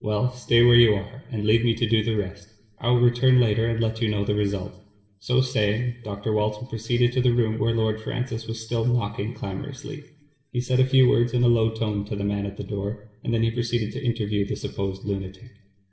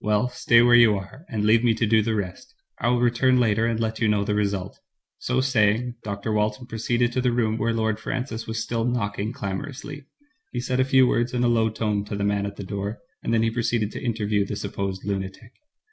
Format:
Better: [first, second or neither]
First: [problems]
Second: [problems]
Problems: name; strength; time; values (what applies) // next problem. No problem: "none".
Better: second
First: room echo; dies away in 0.6 s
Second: none